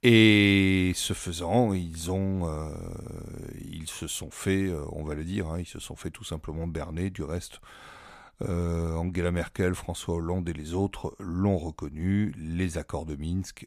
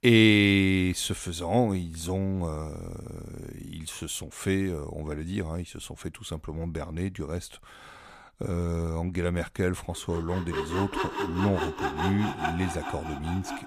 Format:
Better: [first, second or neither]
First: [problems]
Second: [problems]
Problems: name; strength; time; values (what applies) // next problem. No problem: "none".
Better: first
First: none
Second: machinery noise; loud; from 10 s on; 5 dB below the speech